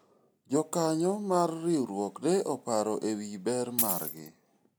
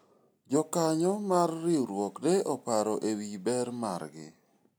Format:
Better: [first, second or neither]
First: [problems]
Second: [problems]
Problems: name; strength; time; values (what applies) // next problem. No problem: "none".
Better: second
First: background sound (Coin (dropping)); 1 dB below the speech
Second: none